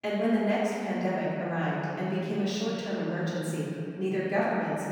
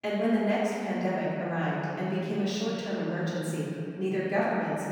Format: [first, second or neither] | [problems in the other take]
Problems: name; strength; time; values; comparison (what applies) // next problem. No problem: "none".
neither | off-mic speech; far; the same in both // room echo; strong; dies away in 2.8 s; the same in both